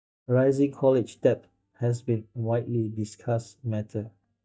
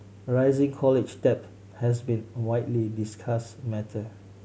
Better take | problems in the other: second | noise reduction (neural mask model DeepFilterNet 3)

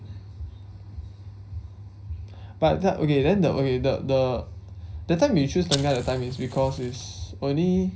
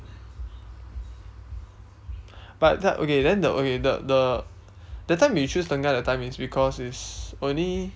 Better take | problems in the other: second | background sound (Fire); 11 dB below the speech // room echo; dies away in 0.5 s

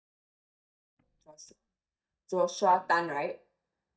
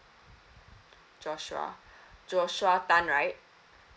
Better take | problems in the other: second | noise reduction (neural mask model DeepFilterNet 3)

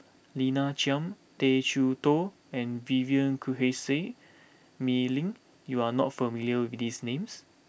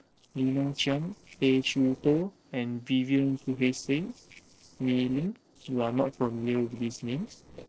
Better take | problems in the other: first | noise reduction (neural separator model SepFormer DNS4)

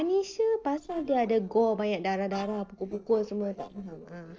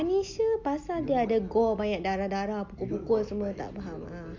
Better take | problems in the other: second | noise reduction (neural separator model SepFormer DNS4)

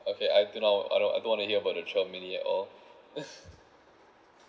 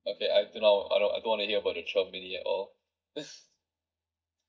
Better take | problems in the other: first | noise reduction (neural mask model DeepFilterNet 3)

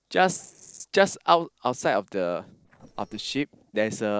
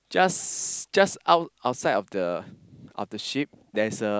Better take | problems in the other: second | noise reduction (neural separator model SepFormer DNS4)

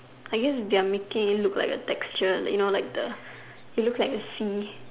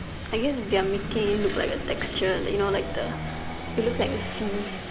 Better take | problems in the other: first | background sound (Engine / Vehicle); 4 dB below the speech

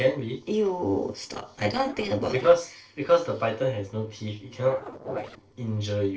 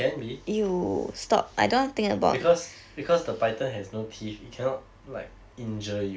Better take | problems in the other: second | noise reduction (neural separator model SepFormer DNS4)

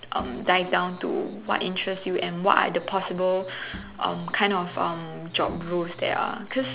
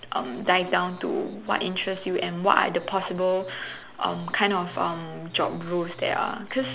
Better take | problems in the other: second | background sound (Bowed string instrument); 19 dB below the speech

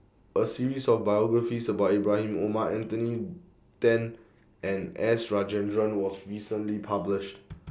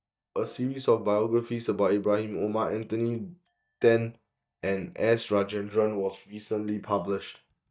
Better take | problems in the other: first | noise reduction (neural mask model DeepFilterNet 3)

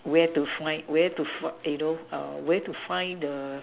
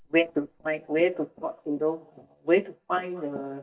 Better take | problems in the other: first | noise reduction (neural mask model DeepFilterNet 3)

